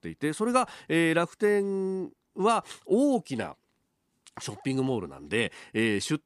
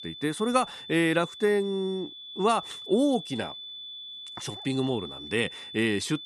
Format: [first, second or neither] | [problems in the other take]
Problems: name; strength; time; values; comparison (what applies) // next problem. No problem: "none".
first | high-pitched whine; noticeable; throughout; 3.5 kHz, 10 dB below the speech